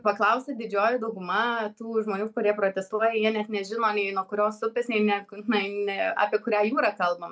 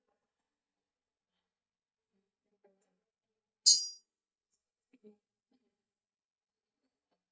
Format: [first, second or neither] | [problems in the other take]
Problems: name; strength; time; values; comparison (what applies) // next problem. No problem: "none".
first | noise reduction (neural mask model DeepFilterNet 3)